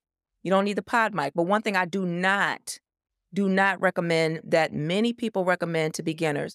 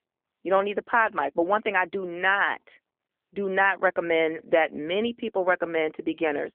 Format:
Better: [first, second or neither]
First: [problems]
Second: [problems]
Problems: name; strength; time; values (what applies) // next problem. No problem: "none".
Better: first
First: none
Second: phone-call audio; nothing above 3 kHz